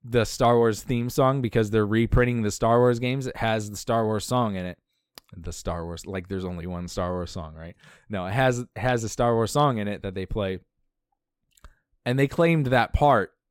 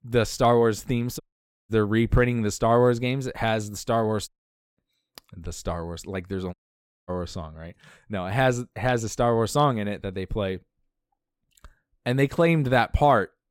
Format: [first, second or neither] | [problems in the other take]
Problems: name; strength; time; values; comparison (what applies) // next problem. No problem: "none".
first | audio cutting out; at 1 s, at 4.5 s and at 6.5 s for 0.5 s